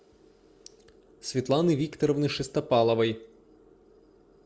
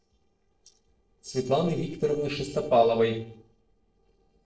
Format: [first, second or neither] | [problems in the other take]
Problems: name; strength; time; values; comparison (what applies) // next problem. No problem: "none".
first | noise reduction (neural separator model SepFormer DNS4)